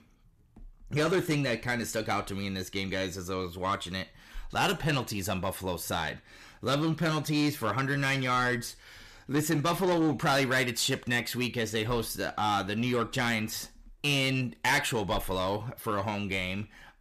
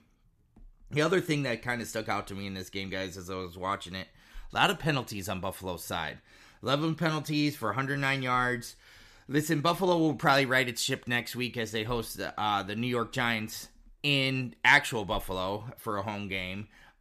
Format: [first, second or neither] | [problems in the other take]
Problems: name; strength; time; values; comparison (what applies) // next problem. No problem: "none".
second | distortion; heavy; 8 dB below the speech